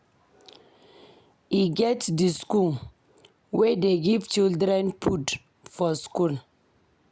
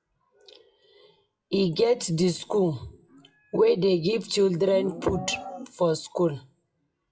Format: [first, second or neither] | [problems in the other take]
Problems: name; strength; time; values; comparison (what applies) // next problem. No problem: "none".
first | noise reduction (classical method WPE with log-MMSE)